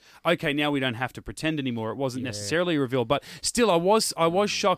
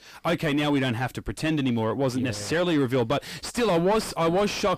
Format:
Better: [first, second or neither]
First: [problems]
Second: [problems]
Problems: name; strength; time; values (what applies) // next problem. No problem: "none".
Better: first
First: none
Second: distortion; heavy; 7 dB below the speech